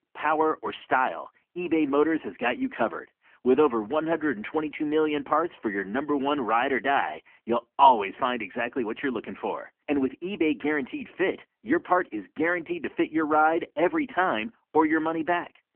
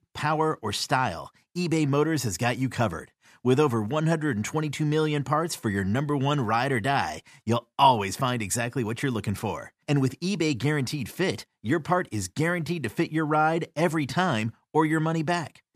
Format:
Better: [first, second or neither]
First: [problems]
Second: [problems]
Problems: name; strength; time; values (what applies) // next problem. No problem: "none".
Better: second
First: phone-call audio; poor line; nothing above 3 kHz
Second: none